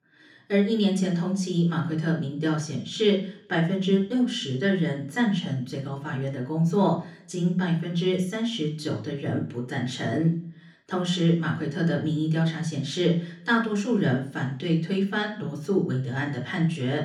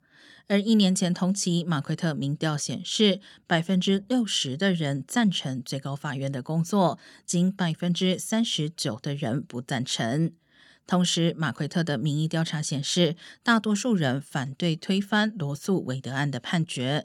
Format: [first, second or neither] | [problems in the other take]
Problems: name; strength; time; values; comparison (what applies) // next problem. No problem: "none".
second | room echo; slight; dies away in 0.5 s // off-mic speech; far